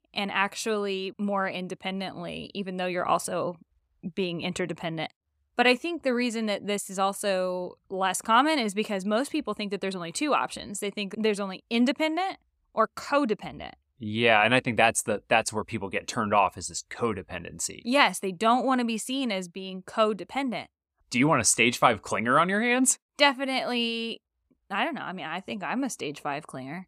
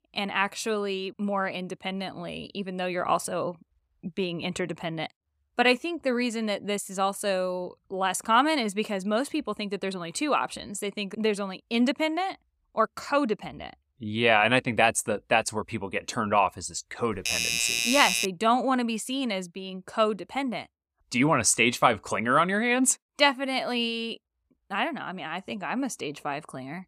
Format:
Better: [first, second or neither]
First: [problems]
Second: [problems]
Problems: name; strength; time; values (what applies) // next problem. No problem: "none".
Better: first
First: none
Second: doorbell; loud; from 17 to 18 s; peak 3 dB above the speech